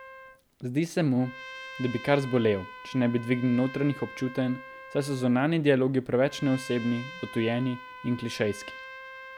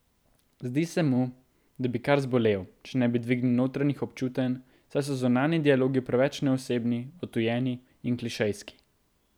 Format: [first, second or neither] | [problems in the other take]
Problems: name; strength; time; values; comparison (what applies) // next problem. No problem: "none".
second | background sound (Trumpet); 16 dB below the speech